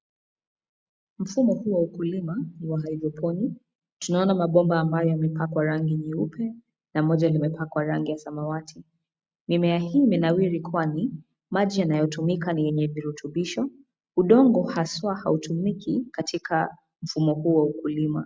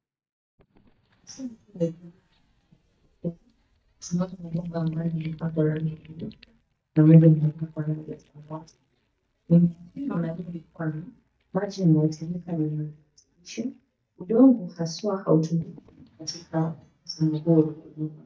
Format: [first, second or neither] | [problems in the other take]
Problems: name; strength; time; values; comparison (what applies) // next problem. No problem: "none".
first | noise reduction (neural mask model DeepFilterNet 3)